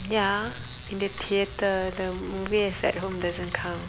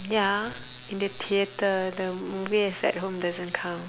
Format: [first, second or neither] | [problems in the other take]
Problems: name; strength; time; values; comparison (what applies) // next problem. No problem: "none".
second | background sound (Rain); 13 dB below the speech